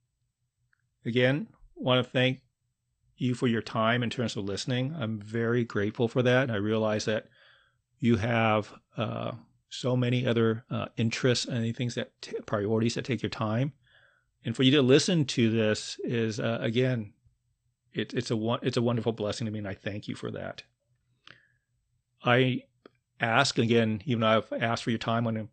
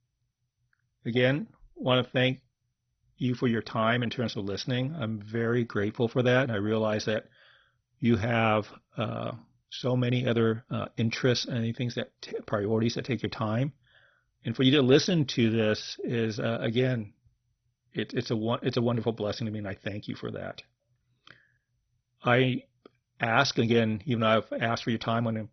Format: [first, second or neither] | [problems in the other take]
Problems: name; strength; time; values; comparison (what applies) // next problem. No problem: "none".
first | garbled, watery; badly; nothing above 6 kHz; slightly in the first